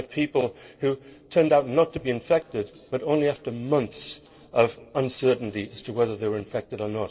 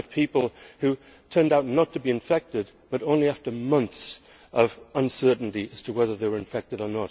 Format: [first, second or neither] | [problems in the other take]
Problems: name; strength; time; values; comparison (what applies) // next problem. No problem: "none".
second | noise reduction (neural separator model SepFormer DNS4)